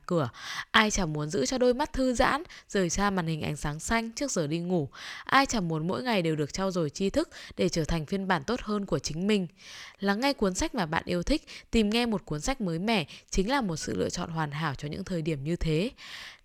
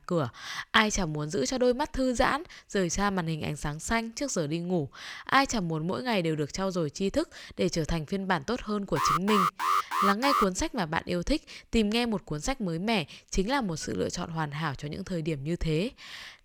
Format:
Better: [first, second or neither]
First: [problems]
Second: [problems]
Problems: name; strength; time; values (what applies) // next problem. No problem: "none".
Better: first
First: none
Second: alarm; loud; from 9 to 10 s; peak 4 dB above the speech